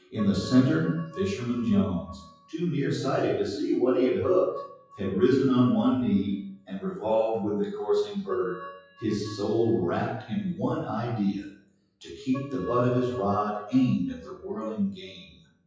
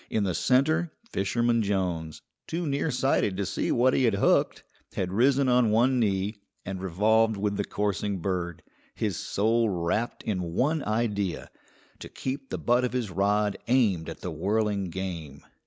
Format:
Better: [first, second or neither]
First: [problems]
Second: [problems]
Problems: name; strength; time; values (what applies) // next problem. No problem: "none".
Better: second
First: noise reduction (classical method WPE with log-MMSE)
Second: none